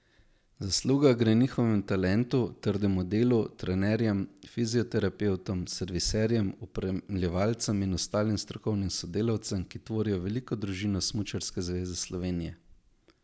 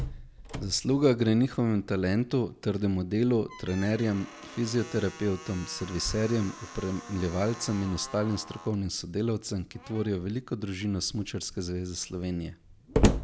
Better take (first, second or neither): first